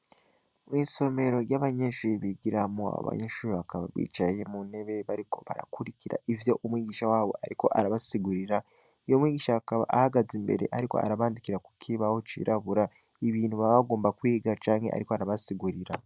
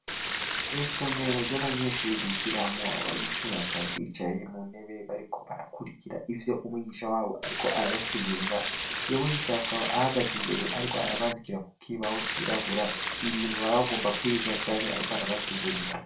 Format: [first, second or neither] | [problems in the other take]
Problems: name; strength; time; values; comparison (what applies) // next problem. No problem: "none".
first | background sound (Stream); 1 dB below the speech // room echo; dies away in 0.3 s